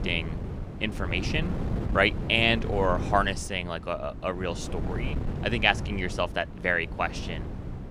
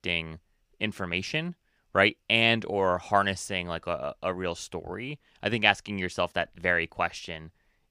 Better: second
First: wind noise on the microphone; occasional gusts; 15 dB below the speech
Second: none

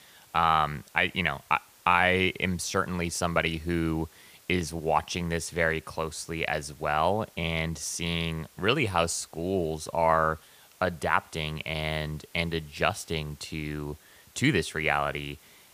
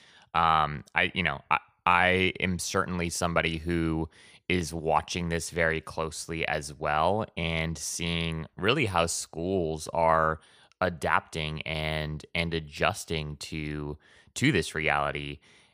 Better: second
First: hiss; faint; throughout; 25 dB below the speech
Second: none

